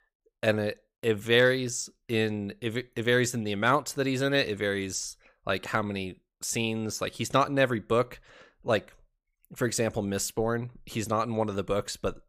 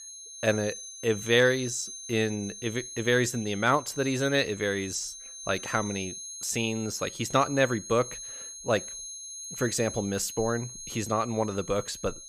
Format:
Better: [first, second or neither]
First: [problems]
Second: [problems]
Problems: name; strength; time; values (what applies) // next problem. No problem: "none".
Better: first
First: none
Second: high-pitched whine; noticeable; throughout; 6.5 kHz, 10 dB below the speech